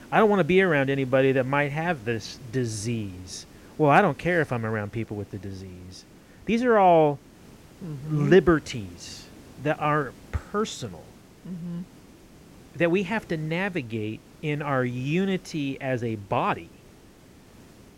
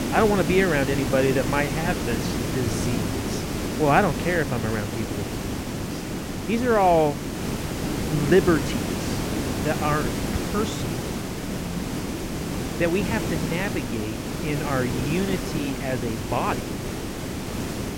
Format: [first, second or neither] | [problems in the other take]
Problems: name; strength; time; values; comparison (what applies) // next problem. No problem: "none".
first | hiss; loud; throughout; 3 dB below the speech; faint in the first